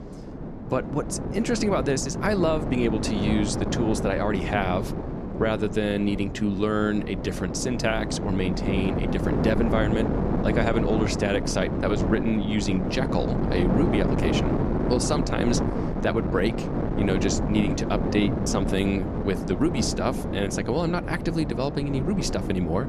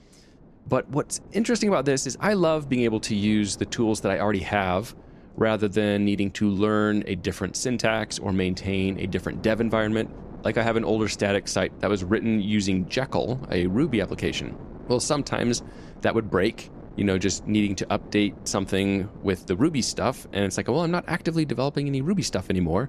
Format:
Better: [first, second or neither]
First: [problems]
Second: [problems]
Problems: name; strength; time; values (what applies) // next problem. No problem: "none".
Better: second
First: wind noise on the microphone; heavy; 4 dB below the speech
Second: wind noise on the microphone; occasional gusts; 20 dB below the speech